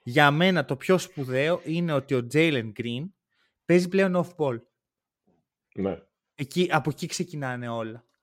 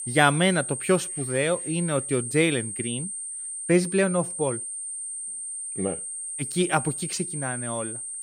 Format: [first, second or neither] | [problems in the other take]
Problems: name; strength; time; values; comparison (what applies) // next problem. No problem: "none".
first | high-pitched whine; loud; throughout; 9 kHz, 5 dB below the speech